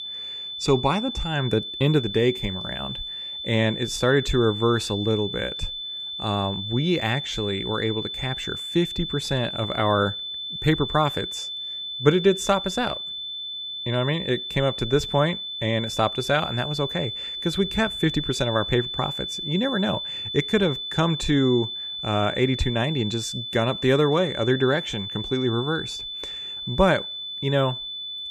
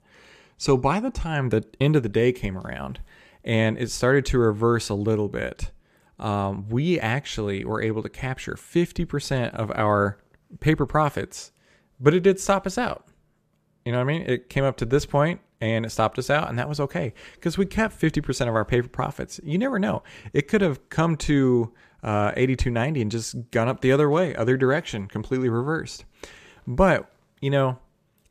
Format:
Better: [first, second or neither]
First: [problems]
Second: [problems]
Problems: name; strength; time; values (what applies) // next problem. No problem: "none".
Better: second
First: high-pitched whine; loud; throughout; 3.5 kHz, 5 dB below the speech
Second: none